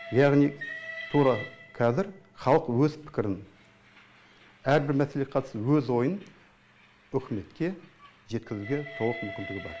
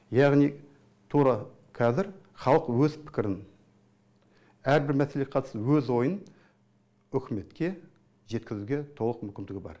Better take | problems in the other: second | background sound (Train); 17 dB below the speech

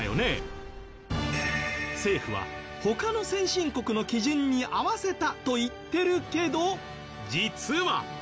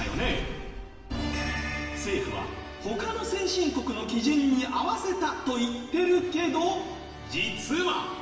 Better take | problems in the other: first | room echo; dies away in 1.2 s

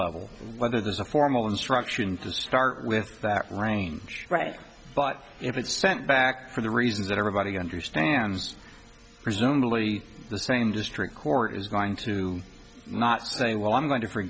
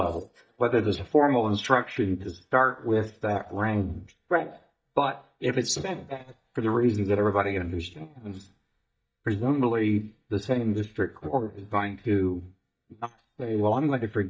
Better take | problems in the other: first | noise reduction (neural mask model DeepFilterNet 3)

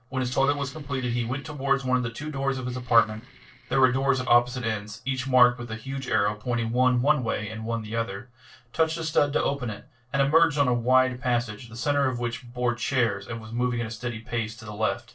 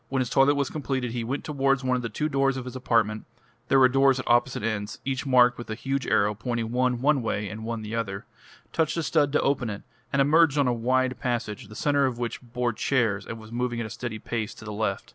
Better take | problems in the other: second | noise reduction (neural separator model SepFormer DNS4)

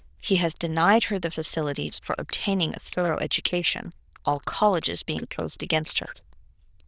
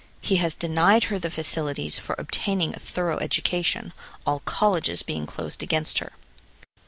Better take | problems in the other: second | noise reduction (neural diffusion model UNIVERSE++)

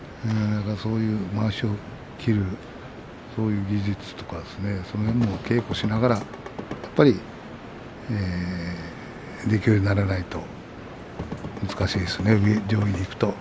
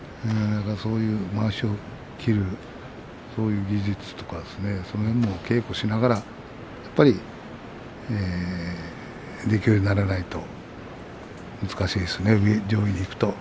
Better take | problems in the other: second | background sound (Drum / Drum kit); 11 dB below the speech

